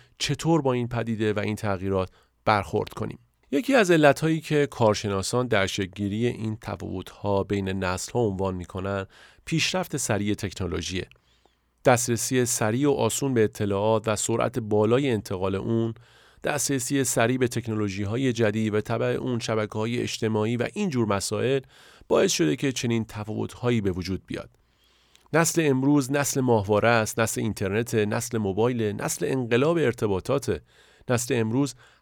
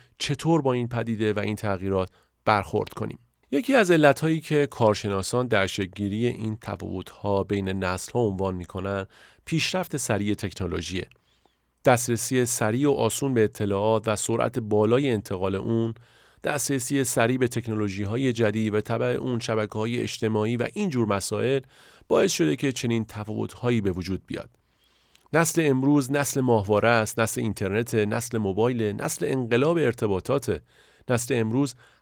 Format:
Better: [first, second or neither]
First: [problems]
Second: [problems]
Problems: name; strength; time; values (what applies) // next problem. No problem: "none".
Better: first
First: none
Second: garbled, watery; slightly